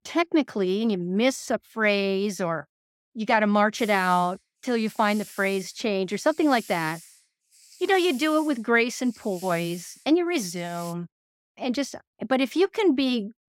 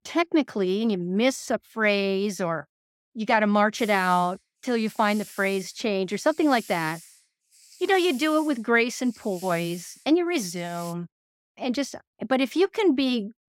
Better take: neither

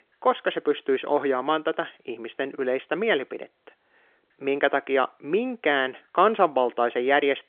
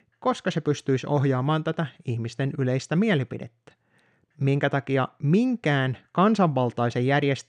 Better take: second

